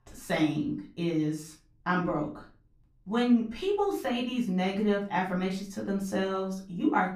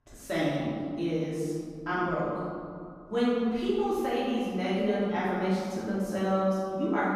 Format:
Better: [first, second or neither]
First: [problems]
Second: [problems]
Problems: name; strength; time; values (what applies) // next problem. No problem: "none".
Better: first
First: room echo; slight; dies away in 0.3 s // off-mic speech; far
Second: room echo; strong; dies away in 2 s // off-mic speech; far